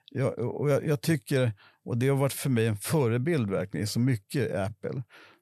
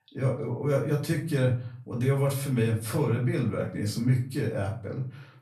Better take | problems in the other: first | off-mic speech; far // room echo; slight; dies away in 0.4 s

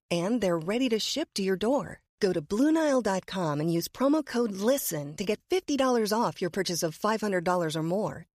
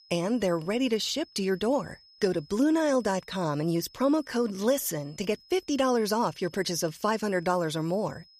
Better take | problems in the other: first | high-pitched whine; faint; throughout; 5 kHz, 25 dB below the speech

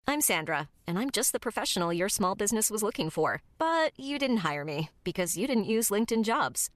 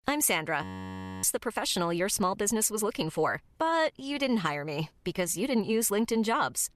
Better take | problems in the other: first | audio freezing; at 0.5 s for 0.5 s

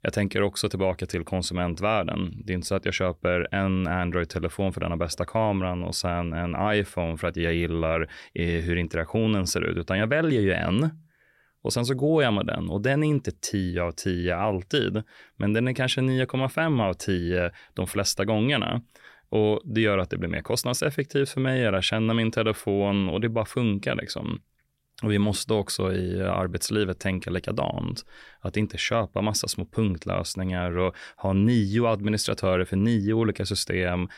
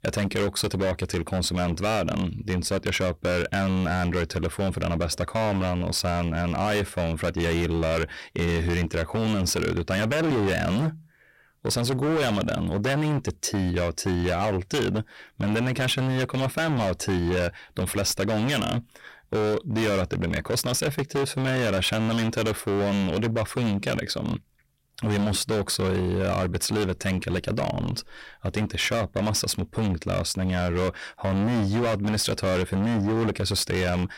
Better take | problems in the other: first | distortion; heavy; 24% of the sound clipped

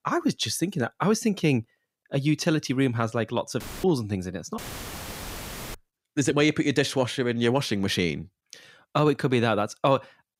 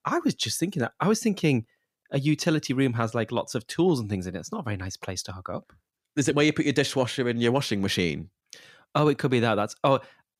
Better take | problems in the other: second | audio cutting out; filled with static; at 3.5 s and at 4.5 s for 1 s

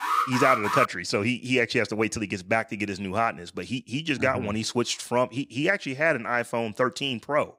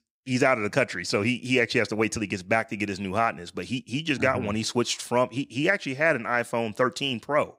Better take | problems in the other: second | alarm; loud; at the start; peak 2 dB above the speech

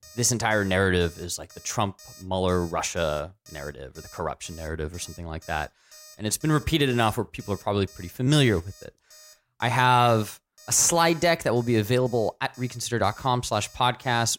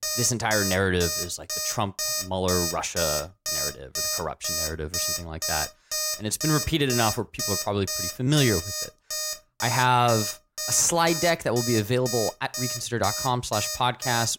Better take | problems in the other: first | alarms or sirens; loud; throughout; 3 dB below the speech; faint in the first

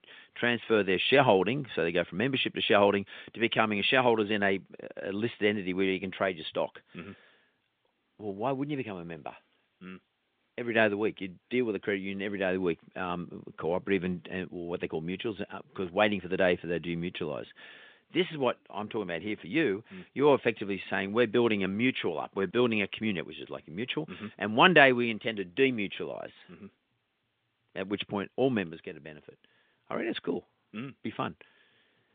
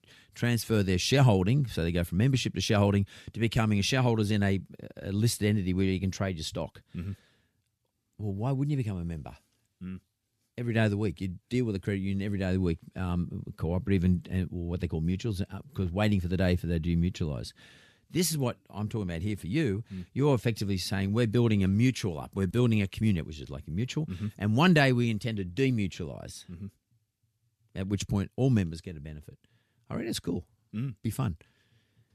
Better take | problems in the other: second | phone-call audio; nothing above 3.5 kHz

